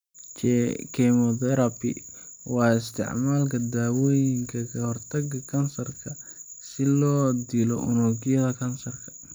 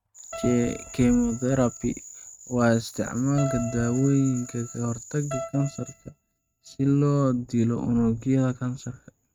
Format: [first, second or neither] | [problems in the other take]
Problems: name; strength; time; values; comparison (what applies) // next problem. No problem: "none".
first | noise reduction (neural mask model RNNoise)